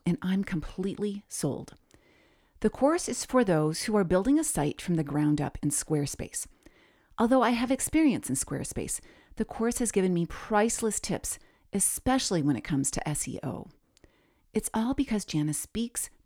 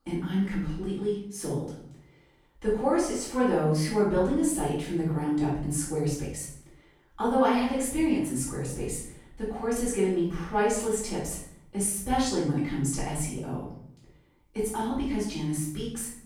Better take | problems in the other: first | room echo; noticeable; dies away in 0.6 s // off-mic speech; far

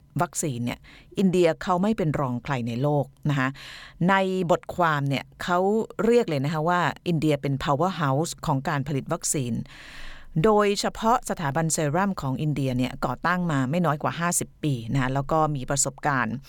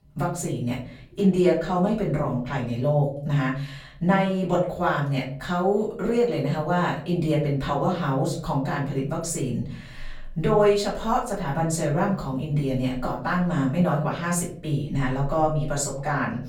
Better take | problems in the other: first | off-mic speech; far // room echo; slight; dies away in 0.6 s

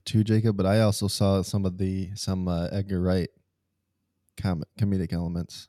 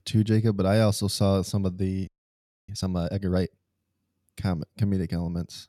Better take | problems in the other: first | audio freezing; at 2 s for 0.5 s

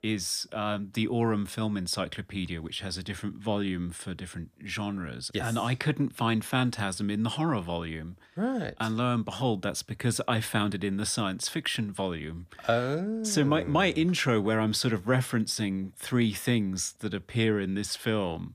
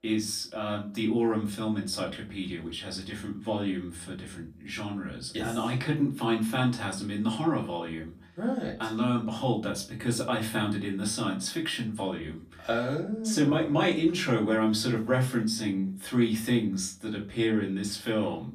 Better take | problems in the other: first | off-mic speech; far // room echo; very slight; dies away in 0.3 s

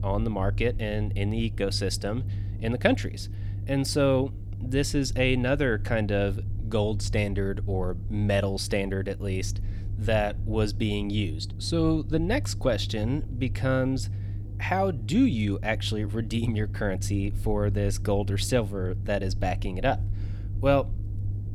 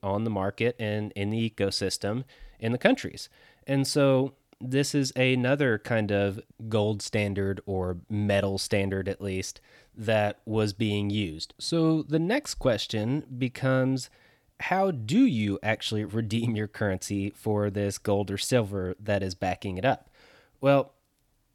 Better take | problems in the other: second | low rumble; noticeable; throughout; 20 dB below the speech

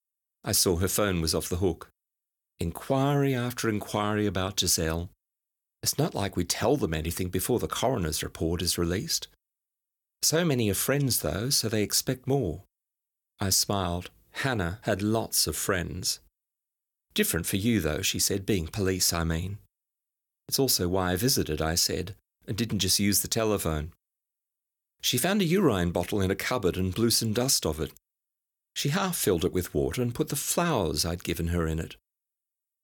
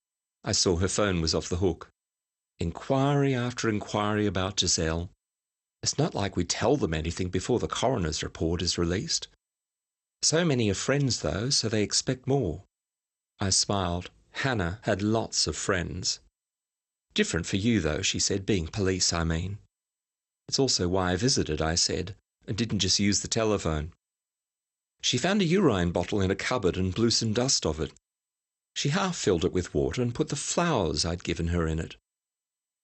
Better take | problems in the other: first | garbled, watery; slightly; nothing above 8 kHz

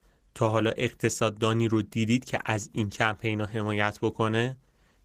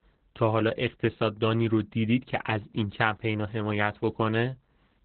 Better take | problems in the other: first | garbled, watery; badly; nothing above 3.5 kHz; slightly in the first

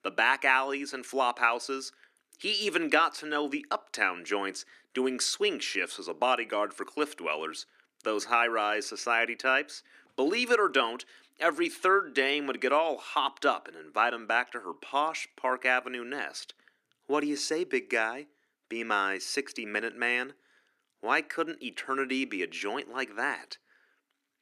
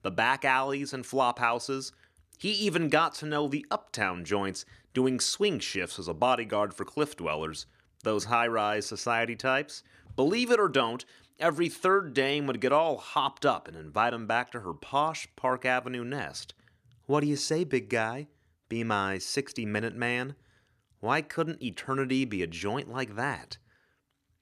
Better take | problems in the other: second | thin; very slightly; fading below 300 Hz

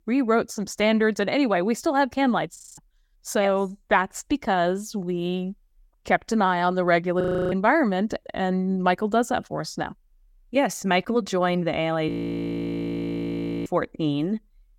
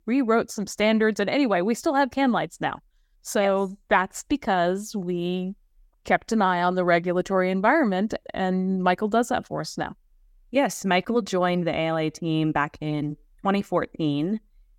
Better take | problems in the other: second | audio freezing; at 2.5 s, at 7 s and at 12 s for 1.5 s

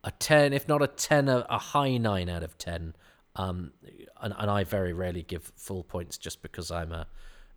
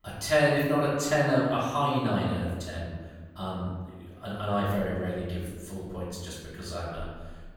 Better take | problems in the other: first | off-mic speech; far // room echo; noticeable; dies away in 1.3 s

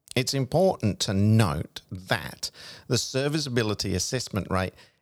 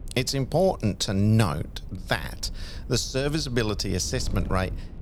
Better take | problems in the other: first | wind noise on the microphone; occasional gusts; 25 dB below the speech

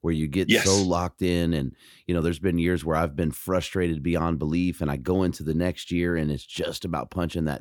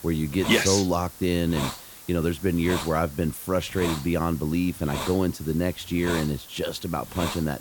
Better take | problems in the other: first | hiss; noticeable; throughout; 10 dB below the speech

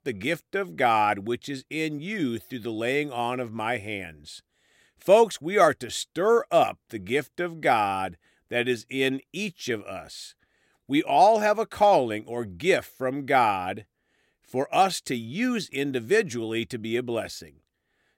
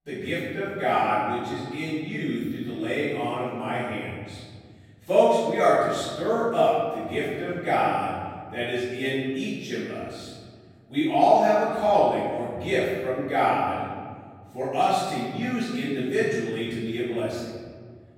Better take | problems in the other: first | off-mic speech; far // room echo; strong; dies away in 2.2 s

